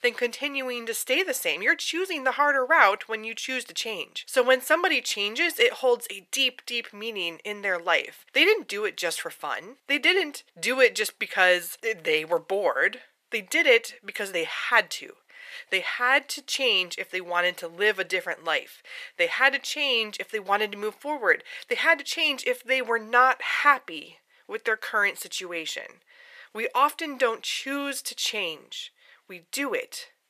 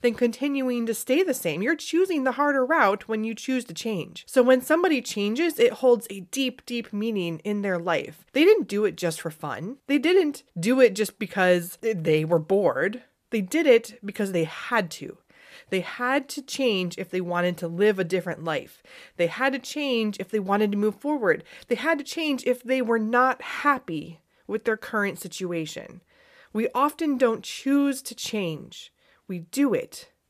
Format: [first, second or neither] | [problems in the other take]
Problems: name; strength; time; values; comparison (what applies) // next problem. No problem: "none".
second | thin; somewhat; fading below 600 Hz